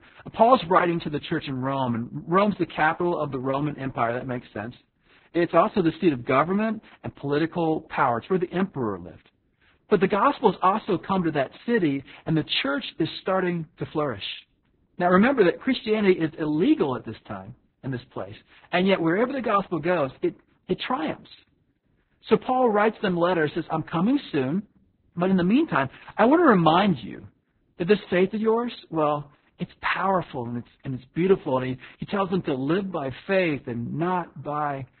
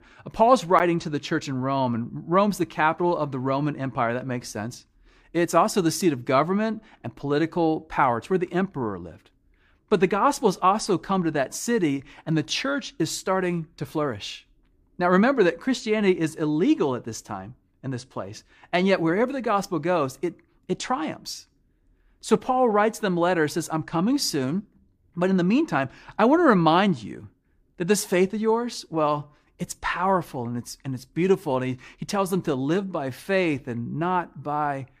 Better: second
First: garbled, watery; badly; nothing above 4 kHz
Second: none

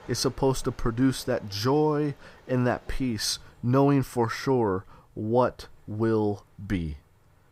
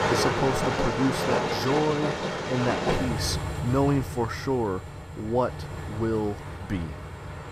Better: first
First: train or aircraft noise; faint; throughout; 30 dB below the speech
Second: train or aircraft noise; loud; throughout; 1 dB below the speech

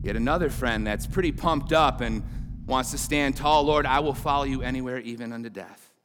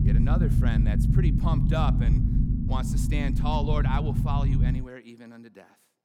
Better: first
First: low rumble; faint; until 5 s; 25 dB below the speech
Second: low rumble; loud; until 5 s; 2 dB below the speech

